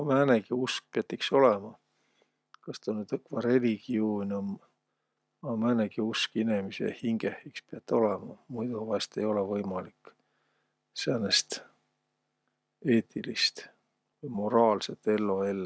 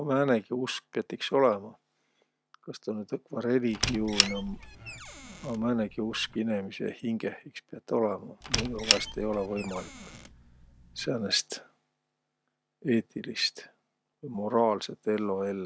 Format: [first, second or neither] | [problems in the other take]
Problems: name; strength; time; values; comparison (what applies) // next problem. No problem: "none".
first | background sound (Squeak); 3 dB below the speech